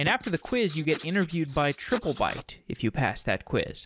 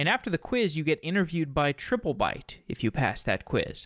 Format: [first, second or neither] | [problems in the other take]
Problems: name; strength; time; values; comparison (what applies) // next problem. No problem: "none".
second | noise reduction (neural mask model Resemble Enhance denoiser)